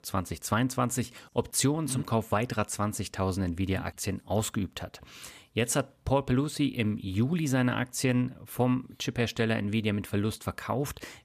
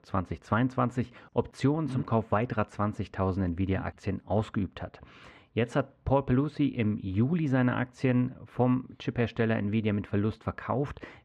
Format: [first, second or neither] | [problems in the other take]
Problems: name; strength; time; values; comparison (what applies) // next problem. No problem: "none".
first | muffled; very; fading above 2 kHz